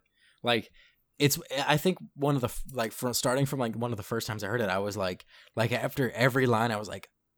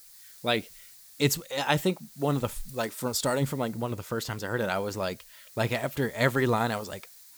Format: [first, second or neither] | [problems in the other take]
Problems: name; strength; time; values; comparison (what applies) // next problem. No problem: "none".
first | hiss; noticeable; throughout; 20 dB below the speech